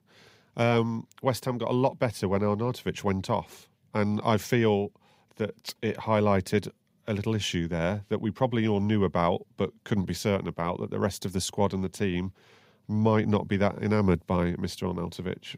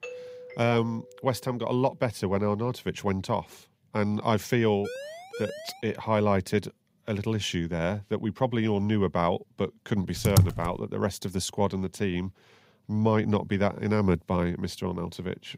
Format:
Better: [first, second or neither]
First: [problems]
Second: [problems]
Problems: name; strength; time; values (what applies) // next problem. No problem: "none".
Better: first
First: none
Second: doorbell; faint; until 1.5 s; peak 10 dB below the speech // siren; faint; at 5 s; peak 10 dB below the speech // keyboard typing; loud; at 10 s; peak 5 dB above the speech